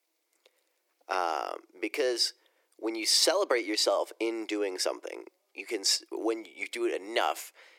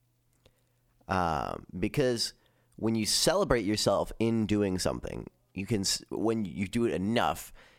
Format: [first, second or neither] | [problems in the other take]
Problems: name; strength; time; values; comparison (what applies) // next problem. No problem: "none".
second | thin; very; fading below 350 Hz